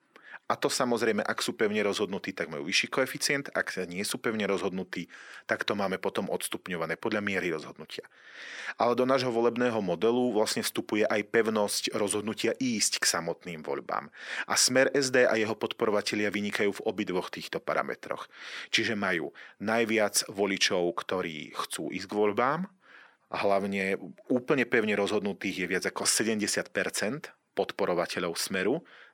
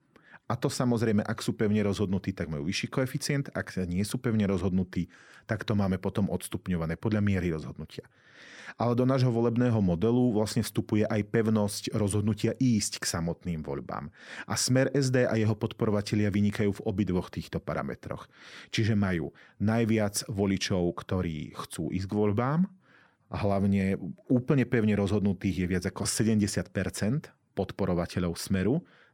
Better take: second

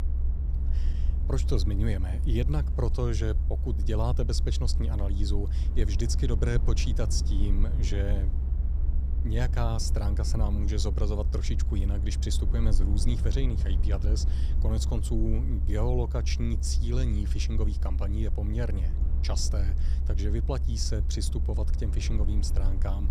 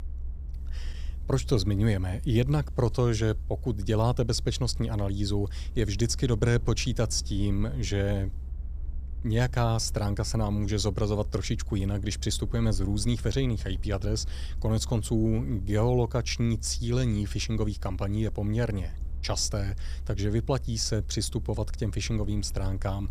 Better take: second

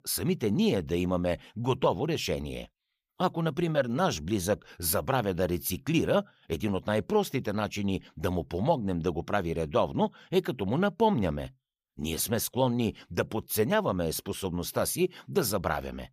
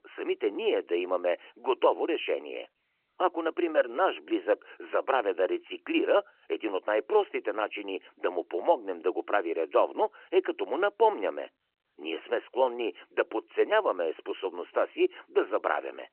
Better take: first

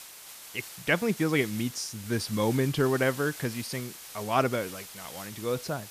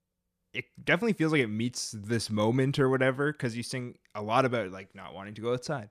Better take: second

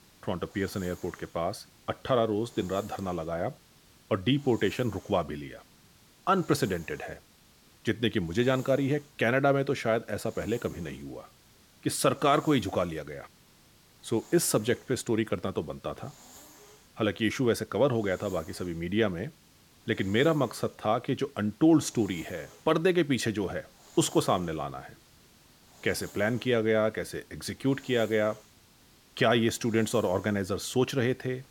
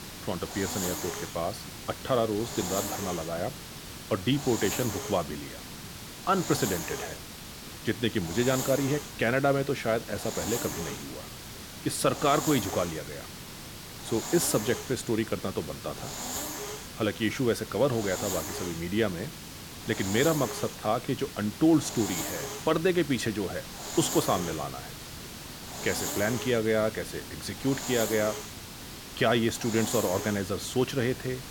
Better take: first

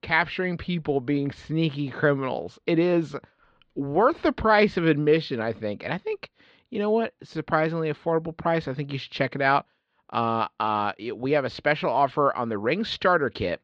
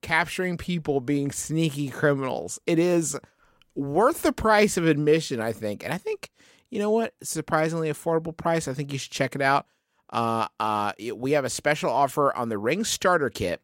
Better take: second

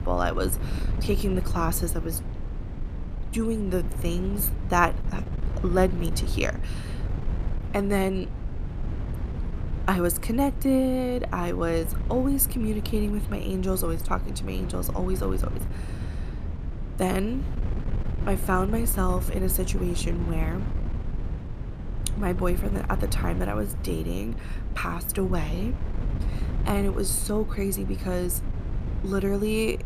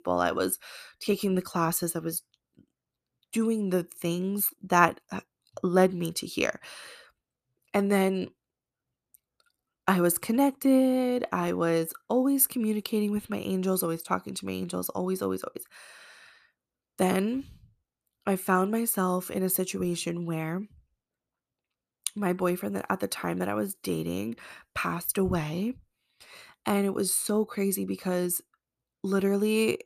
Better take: second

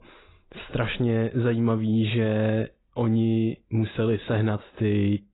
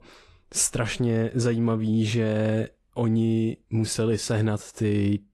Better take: second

